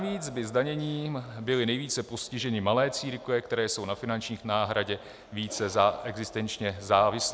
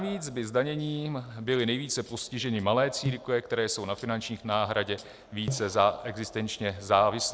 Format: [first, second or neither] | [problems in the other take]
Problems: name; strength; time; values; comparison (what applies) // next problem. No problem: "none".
first | noise reduction (neural separator model SepFormer DNS4)